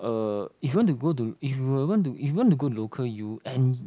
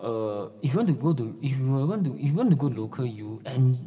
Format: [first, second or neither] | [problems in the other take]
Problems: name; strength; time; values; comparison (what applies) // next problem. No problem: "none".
first | room echo; dies away in 1.9 s